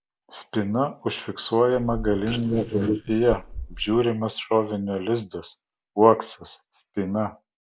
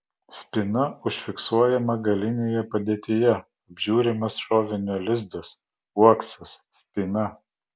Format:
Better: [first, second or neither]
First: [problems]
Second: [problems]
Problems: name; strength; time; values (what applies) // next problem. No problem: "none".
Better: second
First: noise reduction (neural mask model Resemble Enhance denoiser)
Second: none